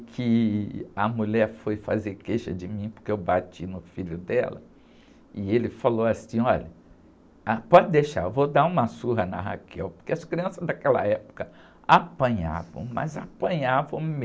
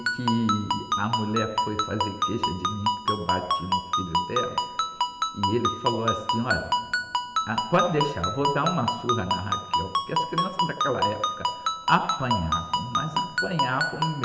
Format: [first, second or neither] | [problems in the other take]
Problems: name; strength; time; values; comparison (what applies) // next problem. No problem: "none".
first | background sound (Ringtone); 1 dB above the speech // room echo; dies away in 3 s